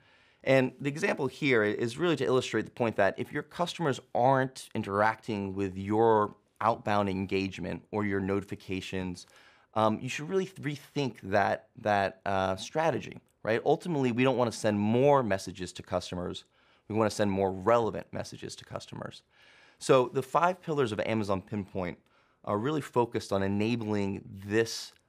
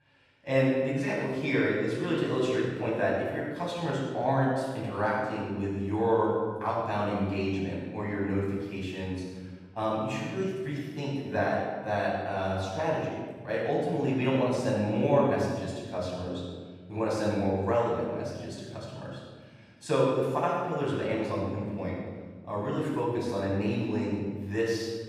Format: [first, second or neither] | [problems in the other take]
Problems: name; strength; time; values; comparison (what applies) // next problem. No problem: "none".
first | off-mic speech; far // room echo; strong; dies away in 1.4 s